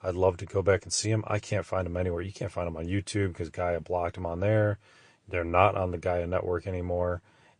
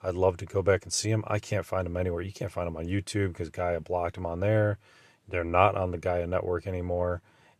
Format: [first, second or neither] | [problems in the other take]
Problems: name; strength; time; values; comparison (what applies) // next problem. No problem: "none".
second | garbled, watery; slightly; nothing above 9.5 kHz